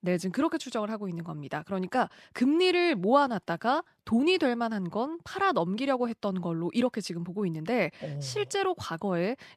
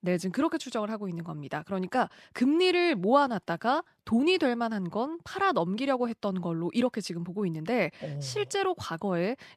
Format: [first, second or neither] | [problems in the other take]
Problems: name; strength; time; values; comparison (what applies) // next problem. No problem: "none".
neither | none